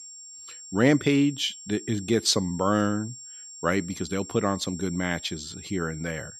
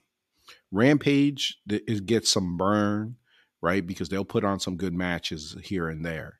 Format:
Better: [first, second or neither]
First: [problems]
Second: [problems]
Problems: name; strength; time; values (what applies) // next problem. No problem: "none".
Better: second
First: high-pitched whine; noticeable; throughout; 7.5 kHz, 15 dB below the speech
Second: none